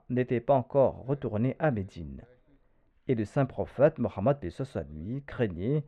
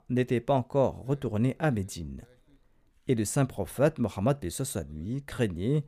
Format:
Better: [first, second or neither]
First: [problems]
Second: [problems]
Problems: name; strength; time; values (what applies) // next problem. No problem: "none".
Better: second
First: muffled; very; fading above 2 kHz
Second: none